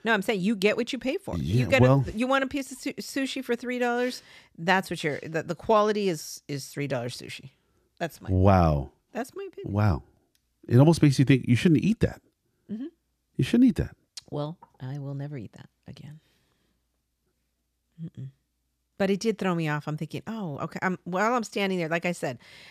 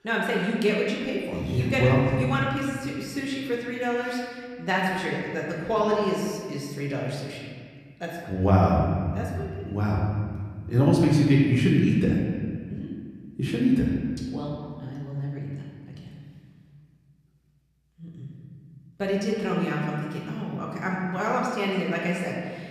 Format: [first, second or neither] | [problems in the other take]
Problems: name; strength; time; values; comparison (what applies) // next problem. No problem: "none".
first | room echo; noticeable; dies away in 1.9 s // off-mic speech; far